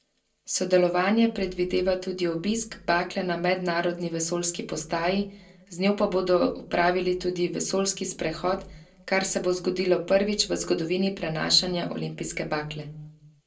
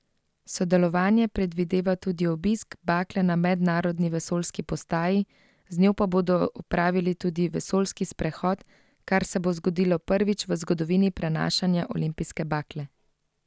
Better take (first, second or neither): second